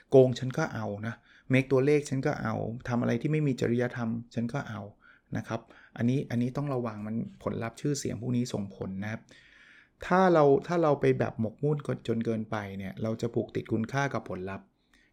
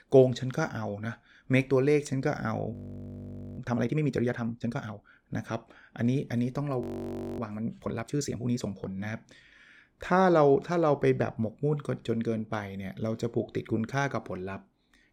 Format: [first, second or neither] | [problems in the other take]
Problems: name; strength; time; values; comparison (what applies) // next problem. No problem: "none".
first | audio freezing; at 2.5 s for 1 s and at 7 s for 0.5 s